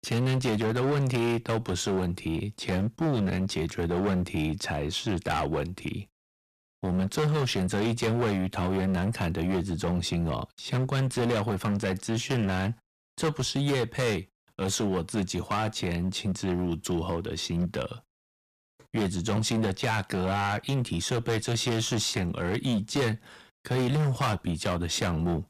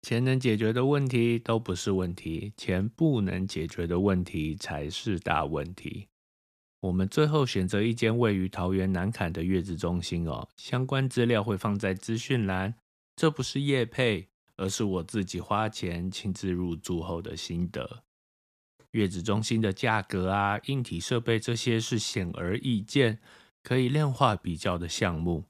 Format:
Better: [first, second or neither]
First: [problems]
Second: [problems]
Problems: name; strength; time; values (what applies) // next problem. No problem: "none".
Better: second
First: distortion; heavy; 16% of the sound clipped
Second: none